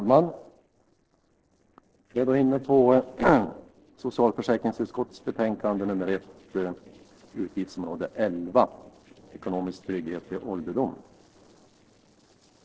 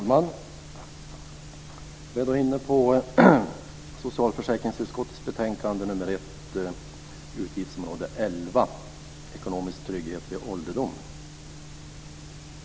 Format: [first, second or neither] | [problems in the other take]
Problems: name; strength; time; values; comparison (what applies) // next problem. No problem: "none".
second | noise reduction (neural separator model SepFormer DNS4)